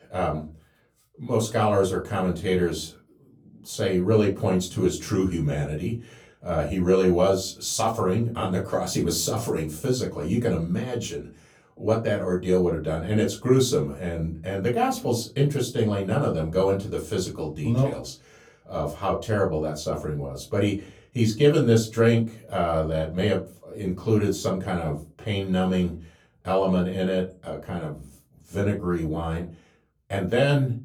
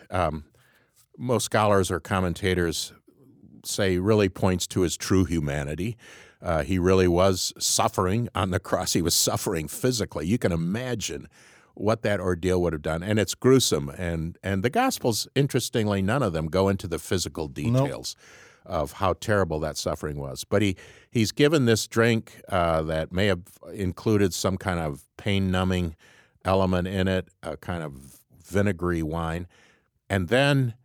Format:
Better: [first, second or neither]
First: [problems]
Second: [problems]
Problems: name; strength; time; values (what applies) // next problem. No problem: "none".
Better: second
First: off-mic speech; far // room echo; very slight; dies away in 0.3 s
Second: none